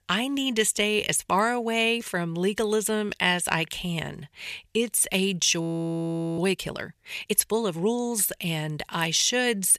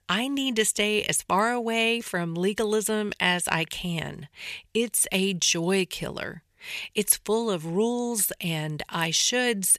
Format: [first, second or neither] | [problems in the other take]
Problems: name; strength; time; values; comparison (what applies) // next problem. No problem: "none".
second | audio freezing; at 5.5 s for 1 s